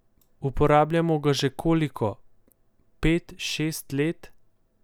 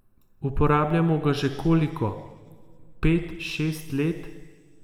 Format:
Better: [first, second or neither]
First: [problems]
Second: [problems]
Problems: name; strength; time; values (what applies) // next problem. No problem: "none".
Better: first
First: none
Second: room echo; dies away in 1.9 s